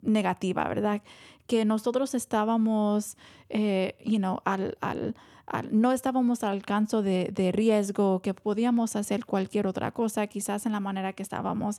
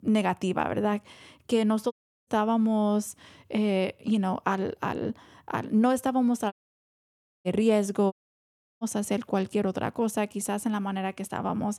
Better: first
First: none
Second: audio cutting out; at 2 s, at 6.5 s for 1 s and at 8 s for 0.5 s

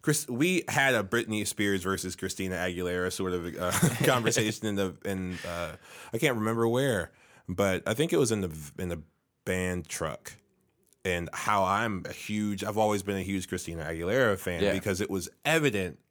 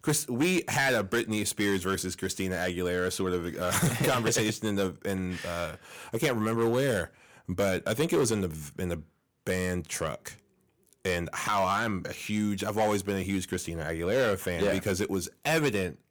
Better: first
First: none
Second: distortion; slight; 5% of the sound clipped

